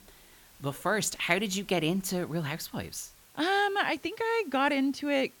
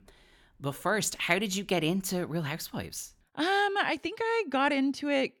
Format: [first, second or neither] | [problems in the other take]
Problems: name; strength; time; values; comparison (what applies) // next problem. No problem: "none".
second | hiss; faint; throughout; 25 dB below the speech